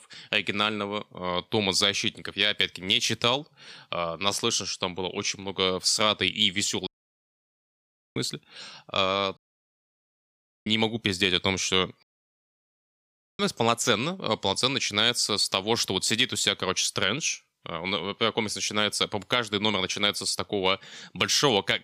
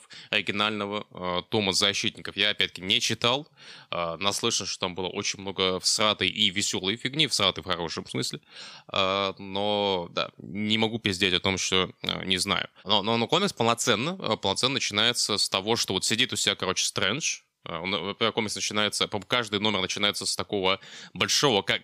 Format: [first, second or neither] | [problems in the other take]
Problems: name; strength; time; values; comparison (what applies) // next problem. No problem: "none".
second | audio cutting out; at 7 s for 1.5 s, at 9.5 s for 1.5 s and at 12 s for 1.5 s